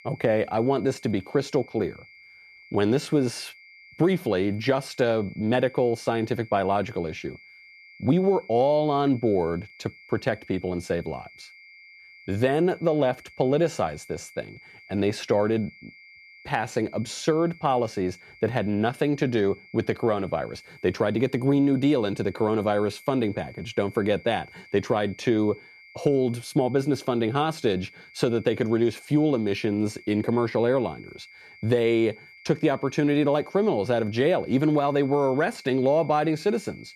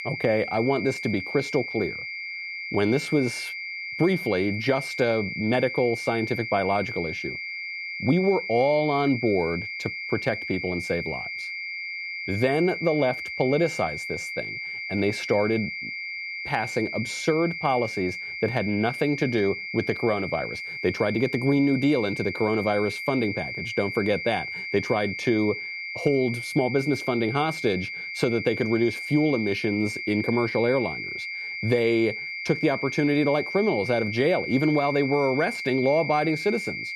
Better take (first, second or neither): first